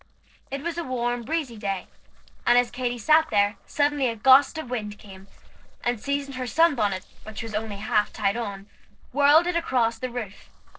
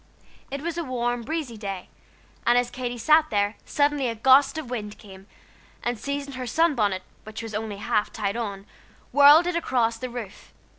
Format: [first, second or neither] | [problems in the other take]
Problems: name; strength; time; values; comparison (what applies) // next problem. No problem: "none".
second | noise reduction (neural separator model SepFormer DNS4)